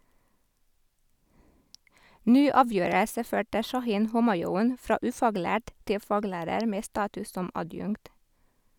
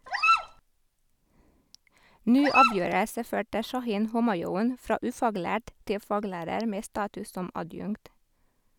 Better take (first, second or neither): first